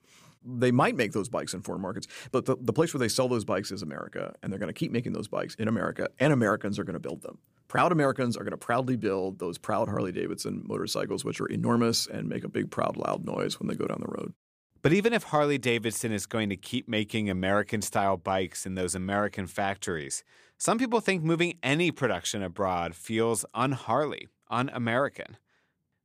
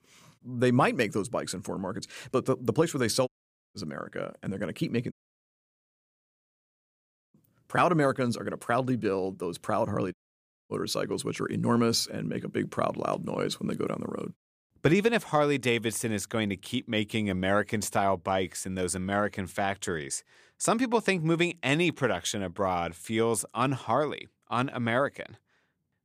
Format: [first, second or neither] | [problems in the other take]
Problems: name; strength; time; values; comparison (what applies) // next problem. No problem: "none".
first | audio cutting out; at 3.5 s, at 5 s for 2 s and at 10 s for 0.5 s